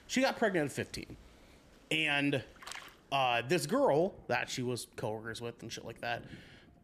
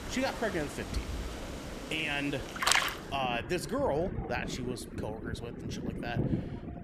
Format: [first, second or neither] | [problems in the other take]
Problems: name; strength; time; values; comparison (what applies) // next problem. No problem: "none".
first | rain or running water; loud; throughout; as loud as the speech; faint in the first